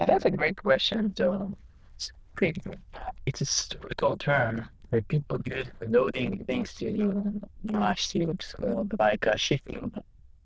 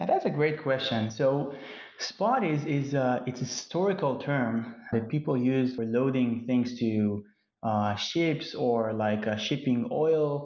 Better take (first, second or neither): second